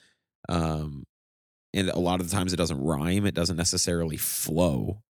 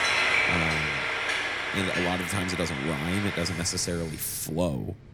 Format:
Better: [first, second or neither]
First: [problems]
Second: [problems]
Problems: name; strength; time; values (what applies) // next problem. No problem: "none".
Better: first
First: none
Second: household noises; very loud; throughout; 3 dB above the speech